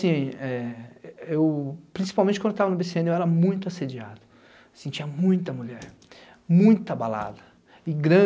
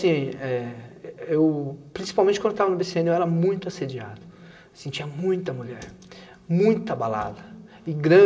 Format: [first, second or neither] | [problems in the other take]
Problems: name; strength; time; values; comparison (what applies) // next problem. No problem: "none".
first | room echo; dies away in 2.2 s